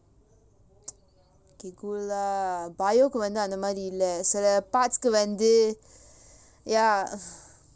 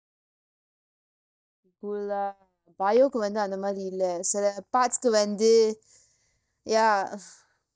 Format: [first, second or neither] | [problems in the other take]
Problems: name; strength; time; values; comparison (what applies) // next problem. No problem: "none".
first | noise reduction (neural mask model DeepFilterNet 3)